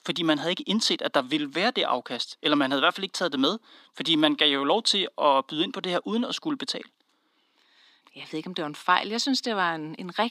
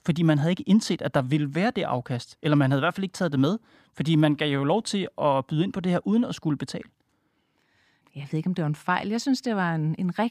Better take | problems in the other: second | thin; somewhat; fading below 250 Hz

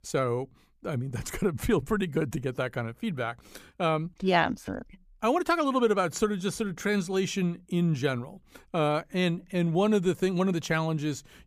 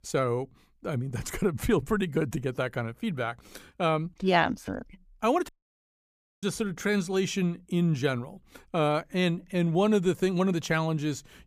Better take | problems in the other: first | audio cutting out; at 5.5 s for 1 s

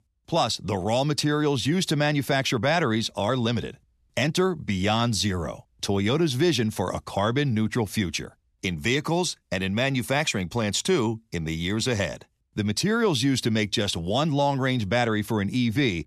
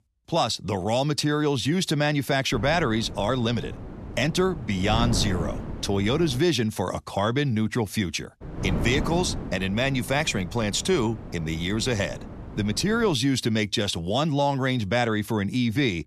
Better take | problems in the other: first | wind noise on the microphone; occasional gusts; from 2.5 to 6.5 s and from 8.5 to 13 s; 15 dB below the speech

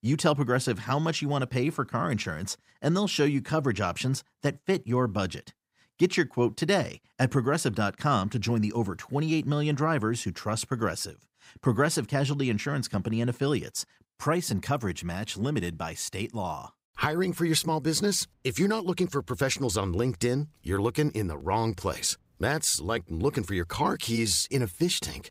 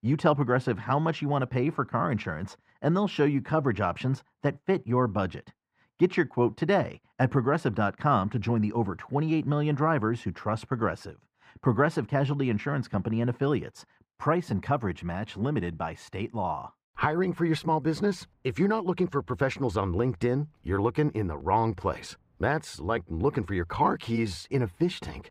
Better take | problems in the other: first | muffled; very; fading above 4 kHz

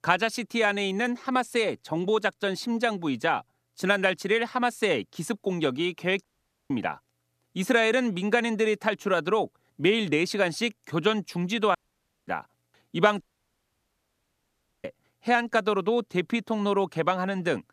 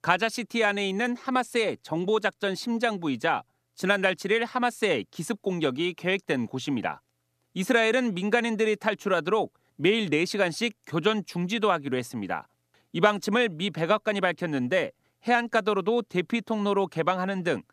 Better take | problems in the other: second | audio cutting out; at 6.5 s, at 12 s for 0.5 s and at 13 s for 1.5 s

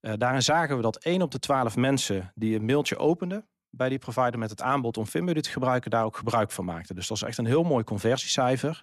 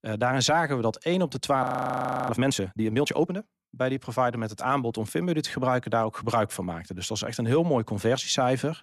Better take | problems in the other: first | audio freezing; at 1.5 s for 0.5 s

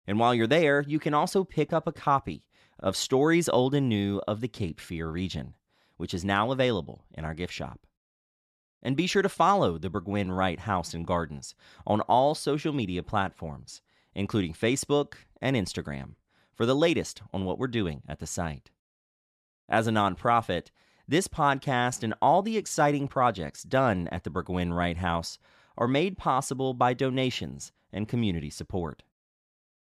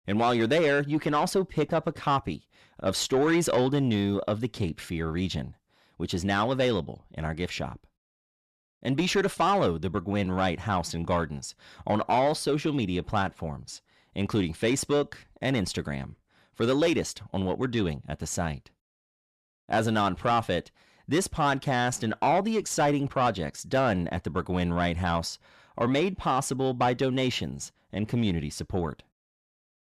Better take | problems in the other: first | distortion; slight; 10 dB below the speech

